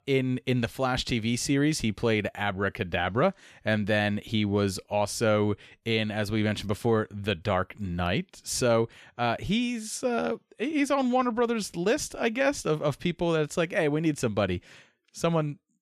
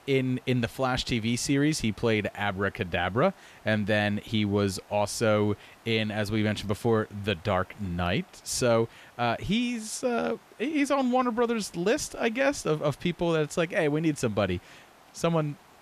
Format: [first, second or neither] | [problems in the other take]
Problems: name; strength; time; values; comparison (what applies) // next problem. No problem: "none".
first | hiss; faint; throughout; 25 dB below the speech